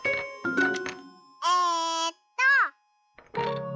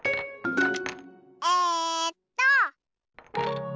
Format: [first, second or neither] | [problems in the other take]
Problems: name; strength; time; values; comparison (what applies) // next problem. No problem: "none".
second | noise reduction (classical method log-MMSE)